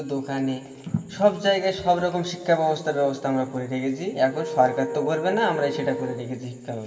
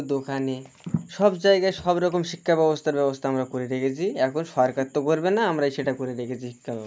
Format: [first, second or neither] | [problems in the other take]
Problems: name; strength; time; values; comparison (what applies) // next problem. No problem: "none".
second | background sound (Wind instrument, woodwind instrument); 9 dB below the speech // room echo; dies away in 1.9 s